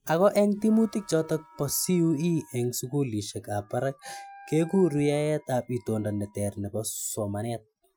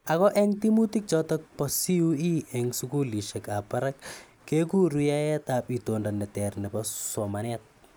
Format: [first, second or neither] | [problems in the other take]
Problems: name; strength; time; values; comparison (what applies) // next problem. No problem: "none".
second | noise reduction (classical method Wiener filter)